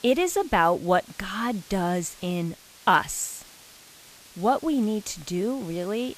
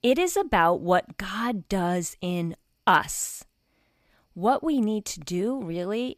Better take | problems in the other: second | hiss; faint; throughout; 20 dB below the speech

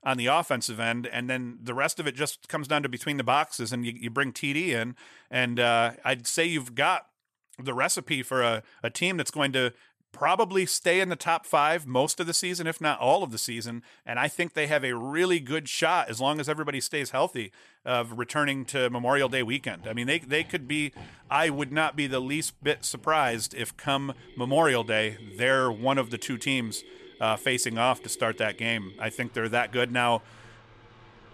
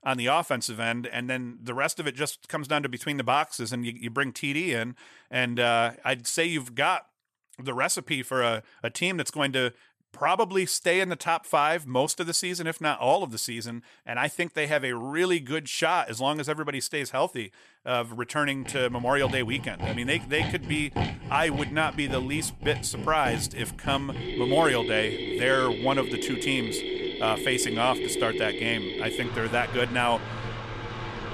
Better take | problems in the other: first | machinery noise; loud; from 19 s on; 6 dB below the speech; faint in the first

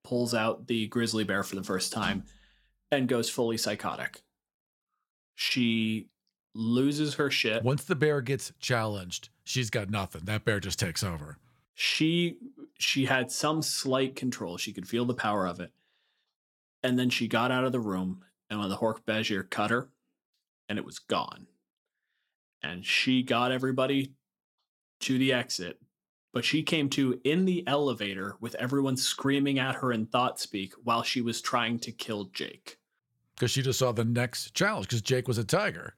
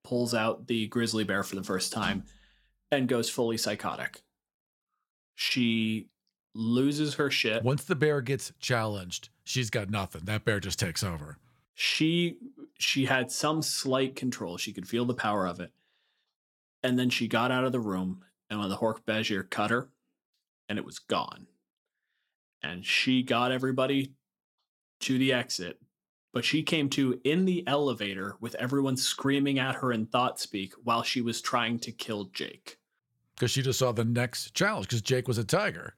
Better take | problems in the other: neither | none

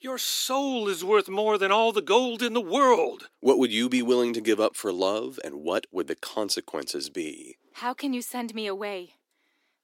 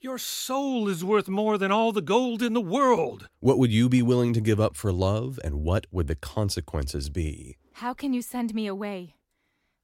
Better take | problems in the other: second | thin; somewhat; fading below 300 Hz

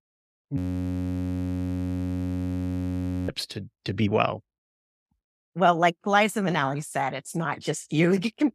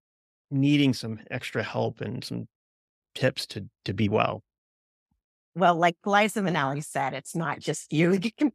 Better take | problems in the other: second | audio freezing; at 0.5 s for 2.5 s

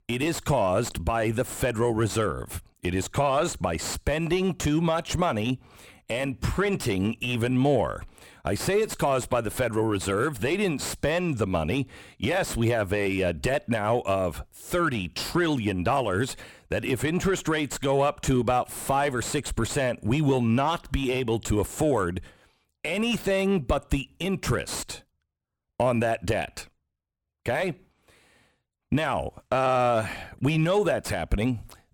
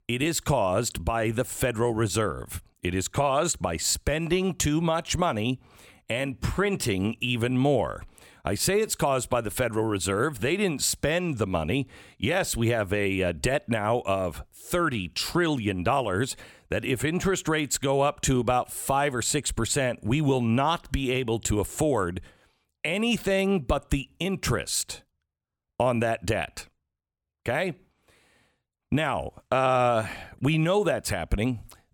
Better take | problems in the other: second | distortion; slight; 10 dB below the speech

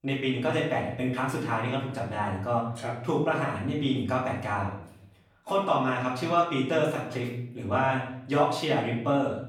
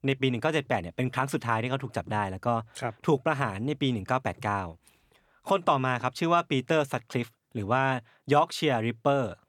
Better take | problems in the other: second | room echo; noticeable; dies away in 0.6 s // off-mic speech; far

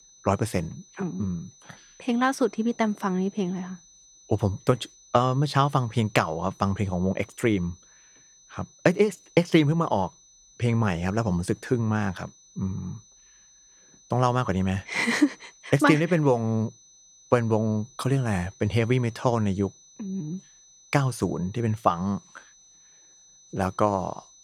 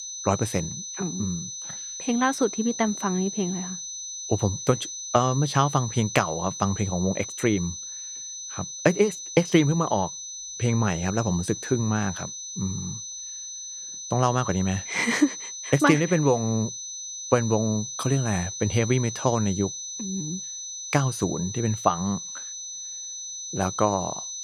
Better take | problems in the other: first | high-pitched whine; loud; throughout; 6 kHz, 8 dB below the speech; faint in the first

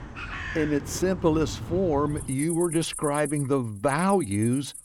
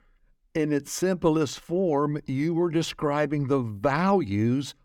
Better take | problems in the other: second | animal sounds; loud; throughout; 10 dB below the speech

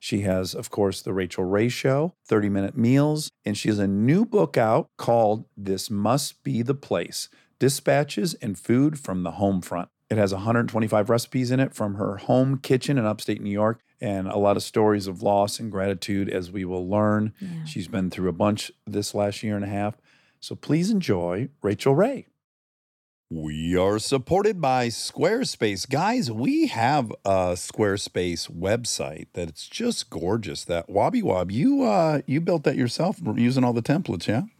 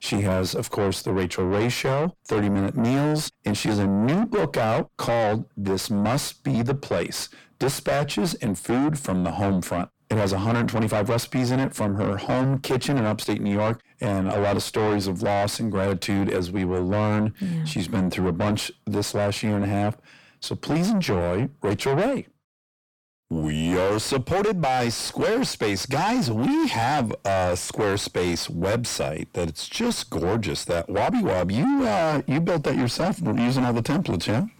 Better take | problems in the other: first | distortion; heavy; 5 dB below the speech

